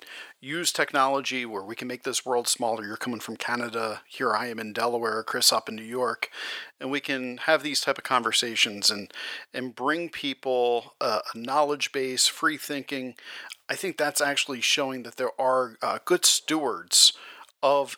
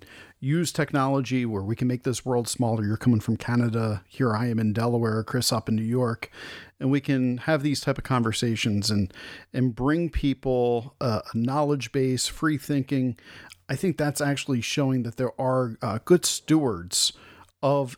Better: second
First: thin; very; fading below 600 Hz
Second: none

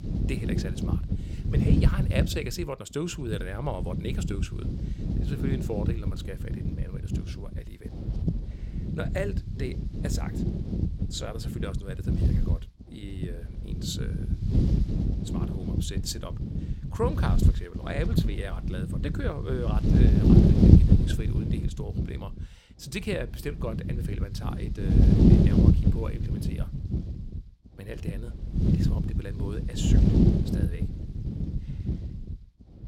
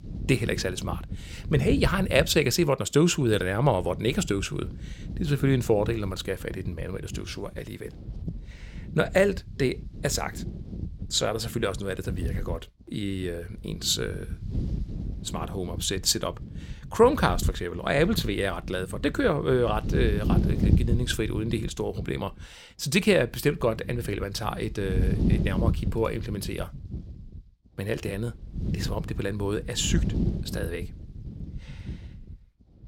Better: second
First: wind noise on the microphone; heavy; 2 dB above the speech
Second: wind noise on the microphone; occasional gusts; 15 dB below the speech

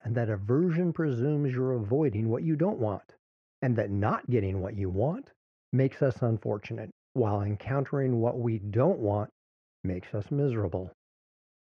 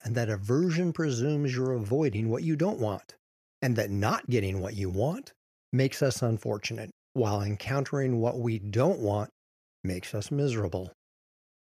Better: second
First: muffled; very; fading above 1.5 kHz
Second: none

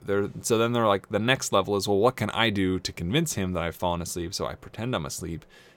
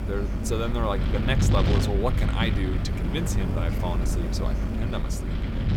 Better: first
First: none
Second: wind noise on the microphone; heavy; 3 dB below the speech

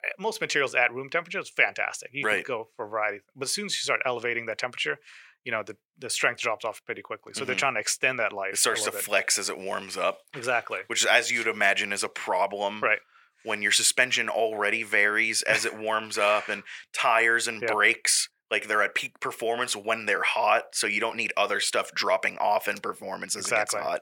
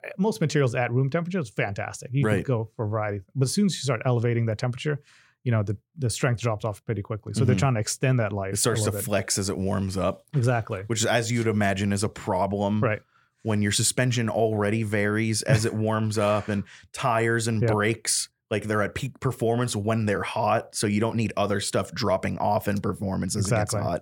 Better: second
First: thin; very; fading below 550 Hz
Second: none

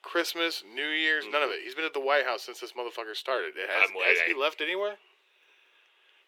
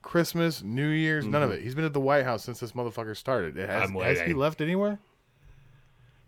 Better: second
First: thin; very; fading below 350 Hz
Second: none

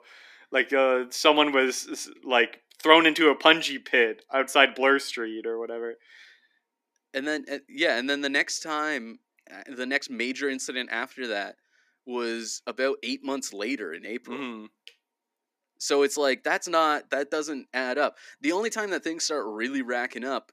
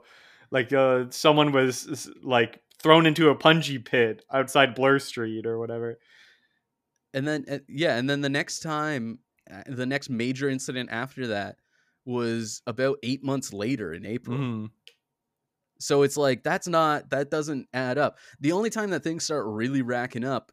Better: second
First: thin; very slightly; fading below 250 Hz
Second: none

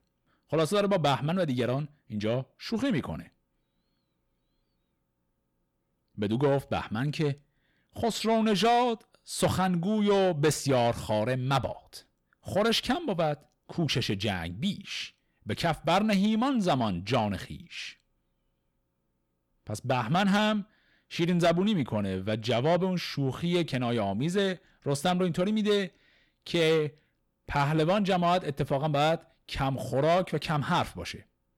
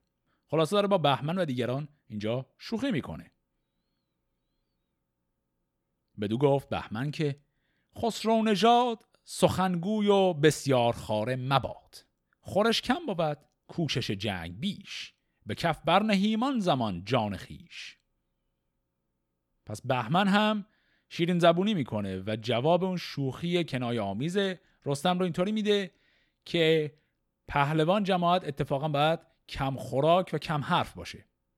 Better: second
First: distortion; slight; 10 dB below the speech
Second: none

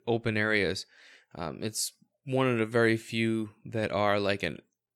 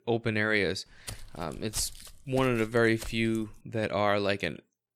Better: first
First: none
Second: footsteps; faint; from 1 to 3.5 s; peak 10 dB below the speech

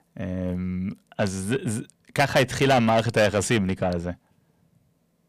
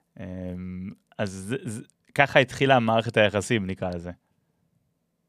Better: second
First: distortion; heavy; 7 dB below the speech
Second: none

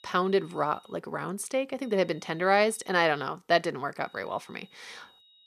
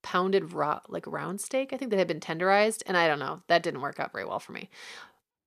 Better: second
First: high-pitched whine; faint; at the start, from 2 to 3.5 s and from 4 s on; 4 kHz, 30 dB below the speech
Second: none

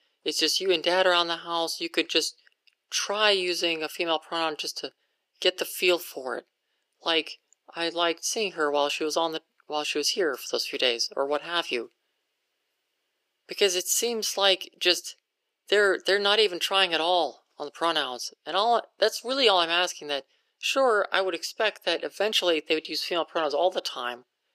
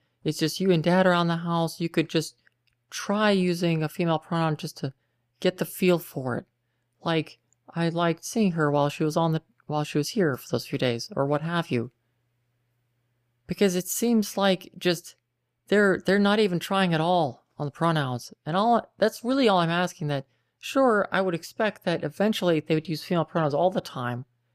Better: second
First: thin; very; fading below 350 Hz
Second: none

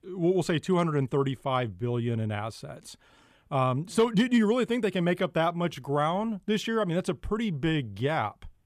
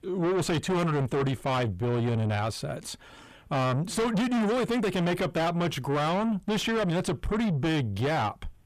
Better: first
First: none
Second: distortion; heavy; 5 dB below the speech

